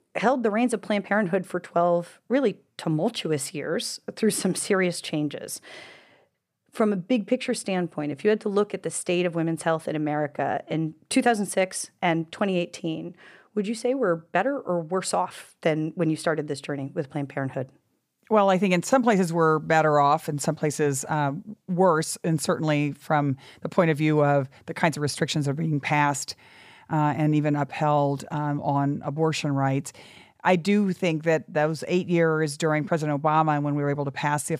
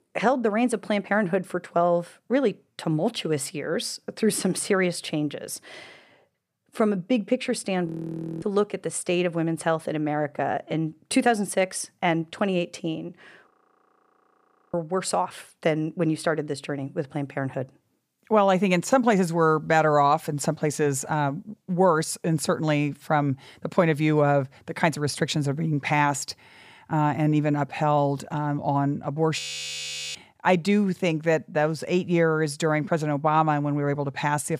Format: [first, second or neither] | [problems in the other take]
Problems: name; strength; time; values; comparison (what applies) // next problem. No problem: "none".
first | audio freezing; at 8 s for 0.5 s, at 13 s for 1.5 s and at 29 s for 1 s